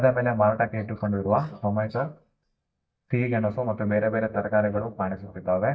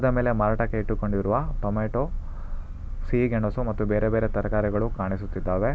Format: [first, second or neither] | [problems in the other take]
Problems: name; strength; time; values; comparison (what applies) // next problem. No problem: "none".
second | noise reduction (neural mask model DeepFilterNet 3)